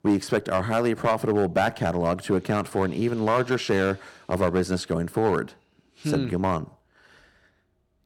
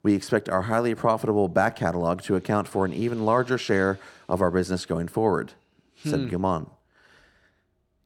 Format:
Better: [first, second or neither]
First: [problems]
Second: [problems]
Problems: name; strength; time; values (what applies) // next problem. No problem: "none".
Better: second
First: distortion; slight; 3% of the sound clipped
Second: none